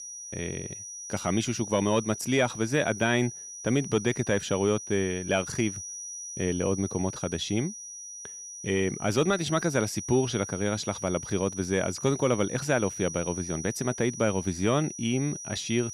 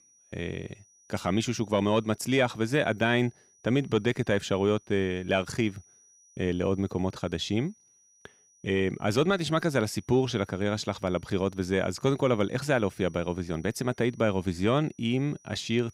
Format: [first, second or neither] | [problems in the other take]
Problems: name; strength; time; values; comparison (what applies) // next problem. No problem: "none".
second | high-pitched whine; loud; throughout; 6 kHz, 9 dB below the speech; faint in the second